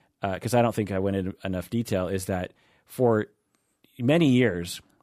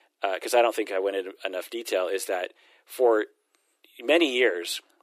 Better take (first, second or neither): first